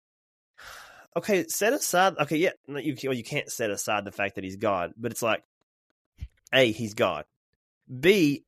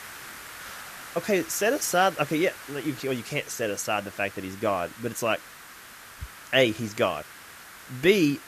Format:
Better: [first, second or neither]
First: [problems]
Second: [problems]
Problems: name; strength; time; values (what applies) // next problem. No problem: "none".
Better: first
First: none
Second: hiss; noticeable; throughout; 15 dB below the speech